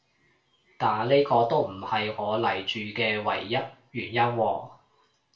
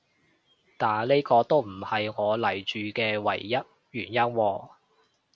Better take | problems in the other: second | room echo; dies away in 0.3 s

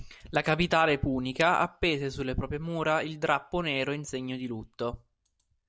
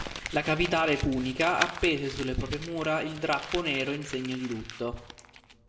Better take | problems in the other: first | background sound (Crumpling, crinkling); 10 dB below the speech // room echo; dies away in 1 s

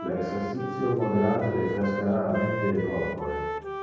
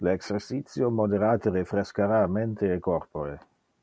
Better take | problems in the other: second | background sound (Wind instrument, woodwind instrument); 6 dB below the speech // room echo; dies away in 1.3 s

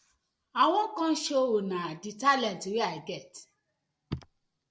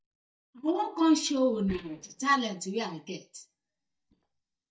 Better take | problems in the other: first | noise reduction (neural mask model DeepFilterNet 3)

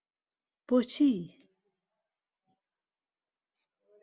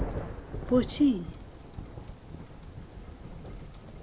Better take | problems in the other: first | background sound (Thunder); 6 dB below the speech

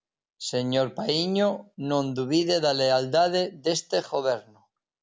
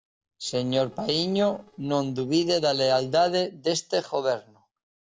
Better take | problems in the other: first | noise reduction (neural separator model SepFormer DNS4)

